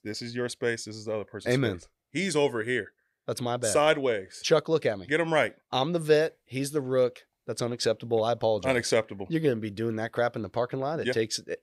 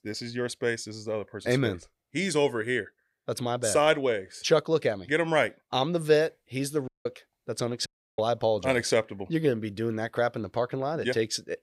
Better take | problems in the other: first | audio cutting out; at 7 s and at 8 s

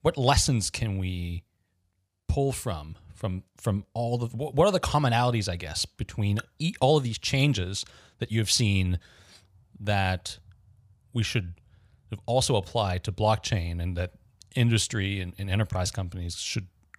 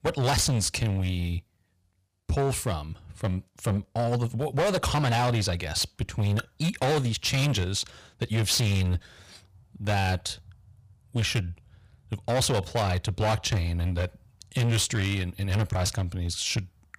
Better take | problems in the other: first | distortion; heavy; 14% of the sound clipped

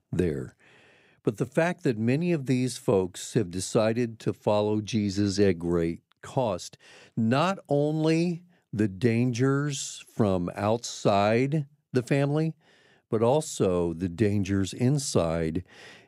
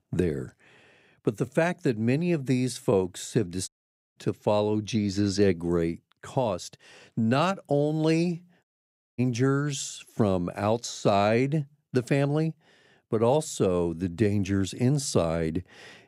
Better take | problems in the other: first | audio cutting out; at 3.5 s and at 8.5 s for 0.5 s

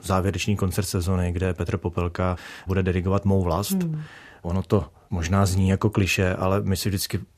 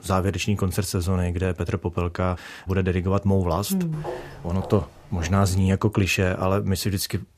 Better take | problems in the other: first | footsteps; faint; from 4 to 5.5 s; peak 10 dB below the speech

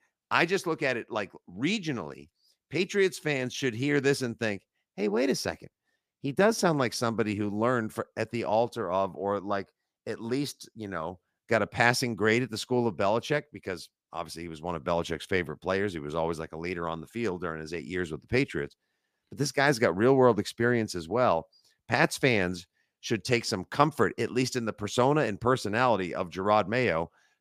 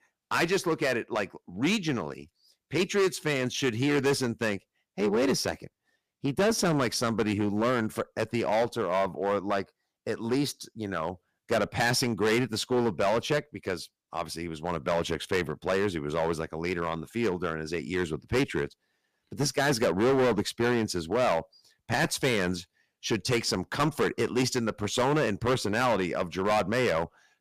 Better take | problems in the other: first | distortion; heavy; 8% of the sound clipped

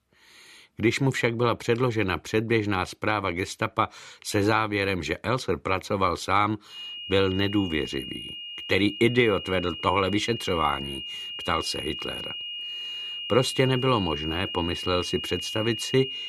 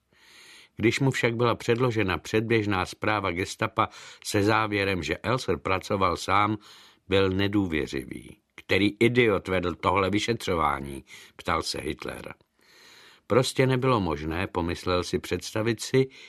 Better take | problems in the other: second | high-pitched whine; loud; from 6.5 s on; 3 kHz, 7 dB below the speech

